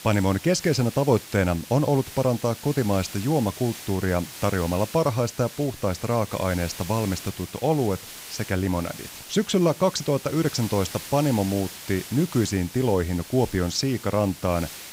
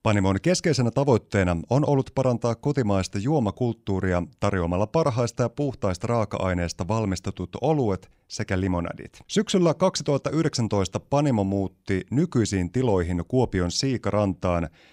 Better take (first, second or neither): second